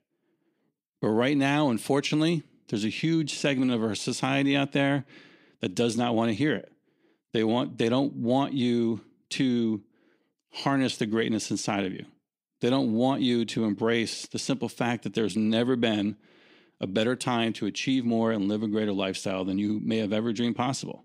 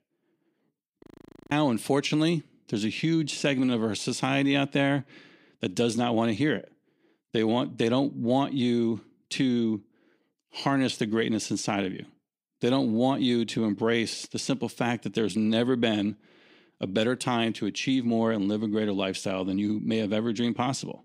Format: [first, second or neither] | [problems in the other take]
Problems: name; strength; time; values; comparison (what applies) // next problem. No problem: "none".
first | audio freezing; at 1 s